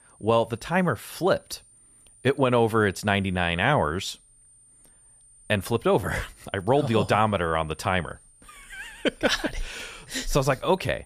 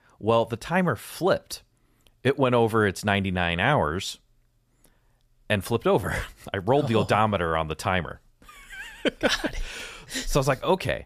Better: second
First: high-pitched whine; faint; throughout; 9 kHz, 30 dB below the speech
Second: none

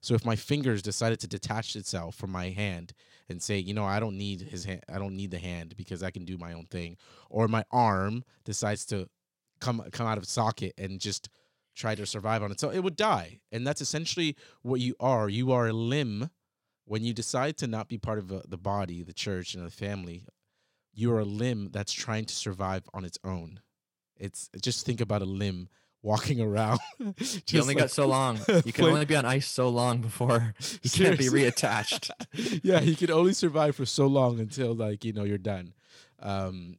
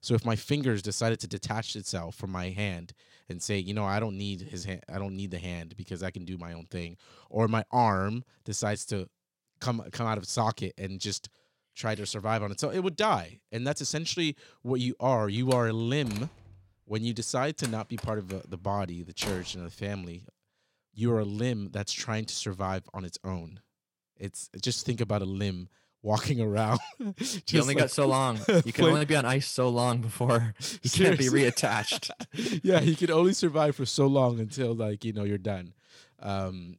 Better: first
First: none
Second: door banging; noticeable; from 16 to 20 s; peak 9 dB below the speech

